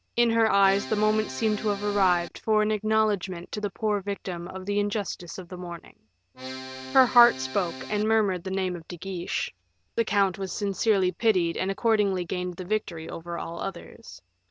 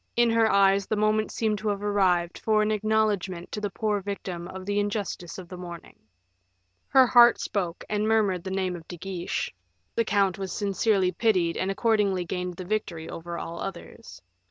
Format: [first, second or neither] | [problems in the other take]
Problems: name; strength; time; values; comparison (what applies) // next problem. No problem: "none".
second | background sound (Accordion); 11 dB below the speech